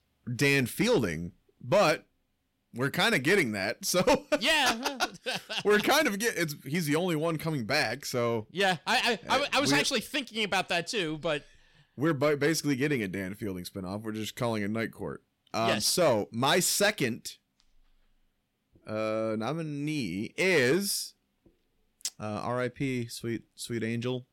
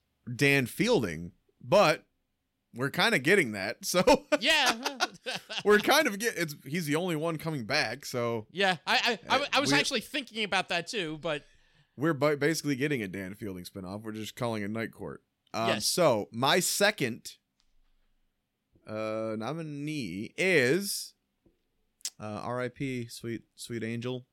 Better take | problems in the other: second | distortion; slight; 10 dB below the speech

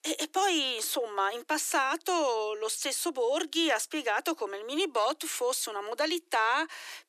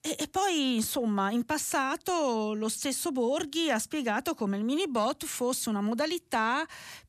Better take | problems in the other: second | thin; very; fading below 300 Hz

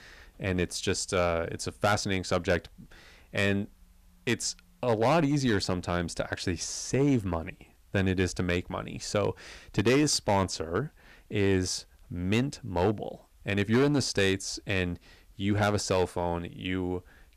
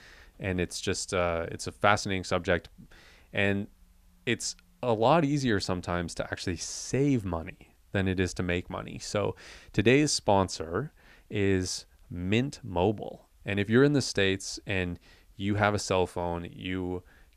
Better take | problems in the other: second | distortion; slight; 4% of the sound clipped

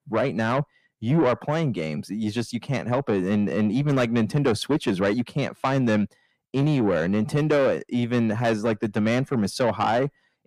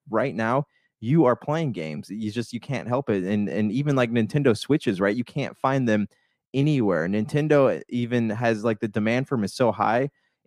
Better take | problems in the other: second | distortion; slight; 10 dB below the speech

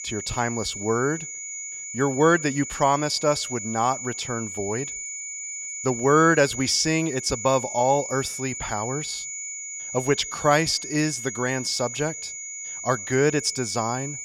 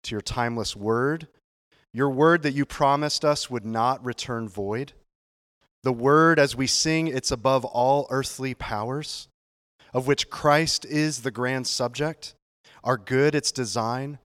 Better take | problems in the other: second | high-pitched whine; loud; throughout; 7 kHz, 8 dB below the speech

